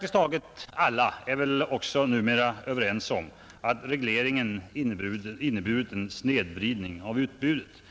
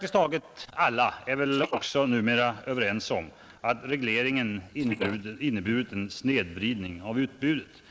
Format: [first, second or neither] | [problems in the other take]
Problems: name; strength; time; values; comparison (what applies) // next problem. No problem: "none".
first | noise reduction (neural mask model Resemble Enhance denoiser)